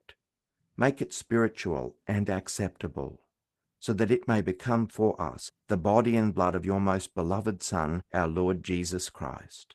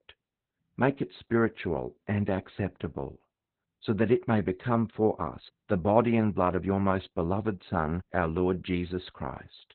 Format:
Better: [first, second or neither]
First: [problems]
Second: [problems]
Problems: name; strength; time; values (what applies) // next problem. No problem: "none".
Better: first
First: garbled, watery; slightly; nothing above 13.5 kHz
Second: garbled, watery; badly; nothing above 4 kHz